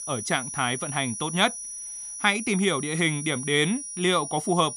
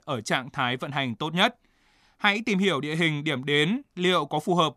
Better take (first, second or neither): second